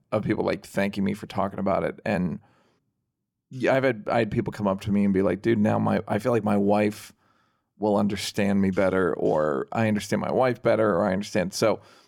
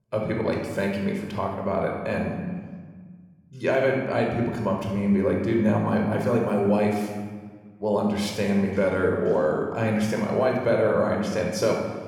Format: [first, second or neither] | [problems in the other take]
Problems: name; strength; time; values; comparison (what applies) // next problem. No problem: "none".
first | room echo; noticeable; dies away in 1.2 s // off-mic speech; somewhat distant